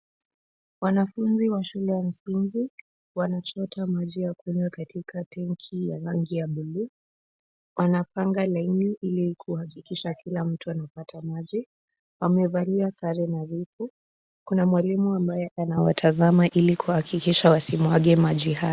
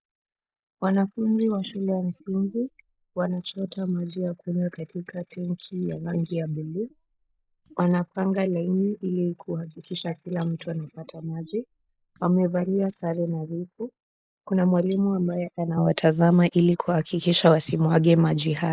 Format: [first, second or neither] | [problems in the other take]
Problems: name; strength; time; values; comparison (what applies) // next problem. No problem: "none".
first | noise reduction (neural mask model Resemble Enhance denoiser)